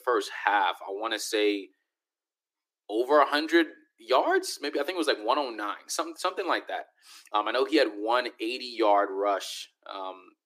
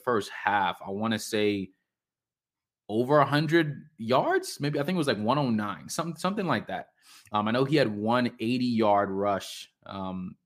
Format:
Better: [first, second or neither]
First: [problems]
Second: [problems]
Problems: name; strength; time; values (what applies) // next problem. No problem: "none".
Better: second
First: thin; very; fading below 300 Hz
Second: none